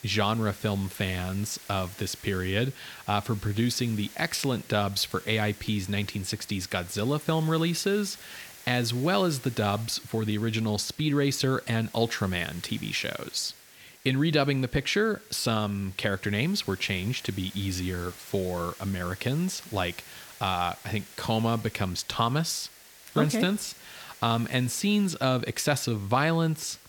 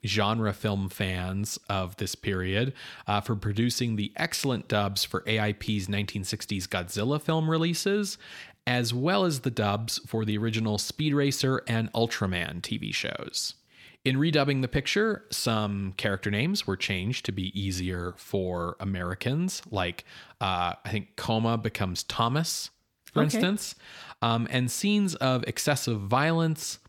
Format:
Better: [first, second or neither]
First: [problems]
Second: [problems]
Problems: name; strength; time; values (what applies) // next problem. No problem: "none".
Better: second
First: hiss; noticeable; throughout; 20 dB below the speech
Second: none